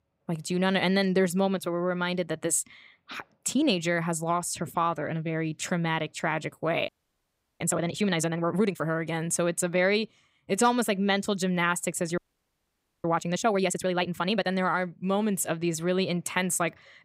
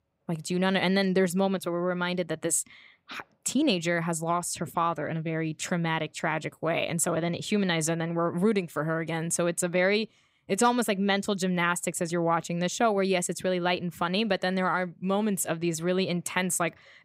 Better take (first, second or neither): second